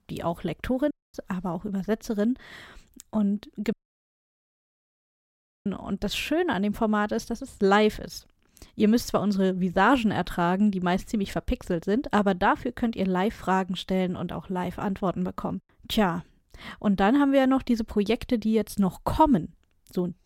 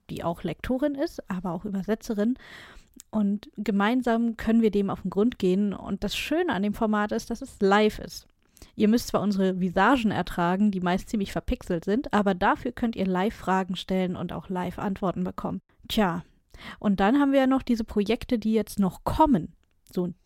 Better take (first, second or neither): second